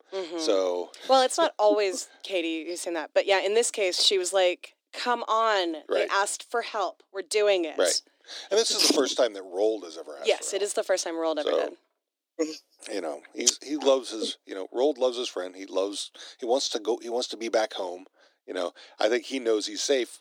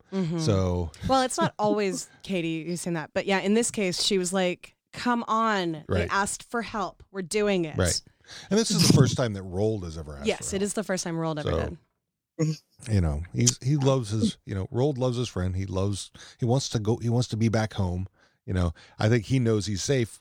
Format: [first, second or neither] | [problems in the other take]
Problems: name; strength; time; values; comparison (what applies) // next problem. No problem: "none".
second | thin; very; fading below 300 Hz